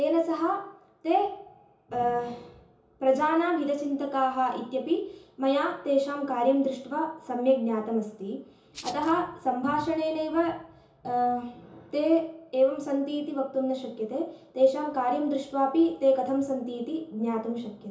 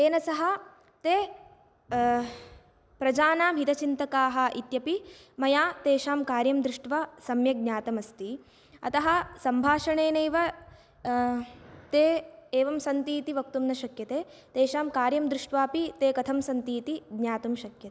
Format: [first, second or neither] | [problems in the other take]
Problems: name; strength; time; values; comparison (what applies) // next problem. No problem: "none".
second | background sound (Rattle (instrument)); 16 dB below the speech // room echo; dies away in 0.7 s